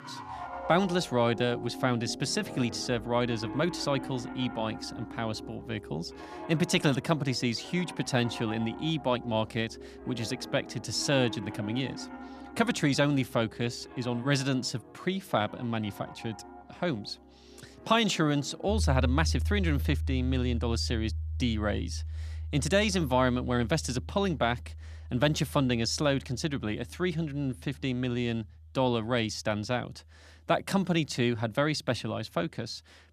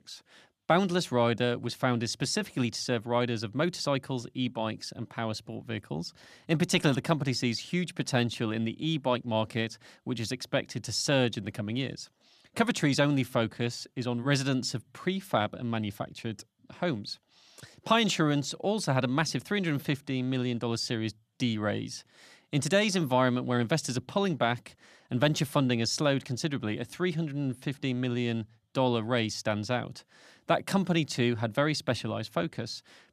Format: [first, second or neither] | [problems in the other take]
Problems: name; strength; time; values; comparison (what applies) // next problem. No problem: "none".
second | background music; loud; throughout; 10 dB below the speech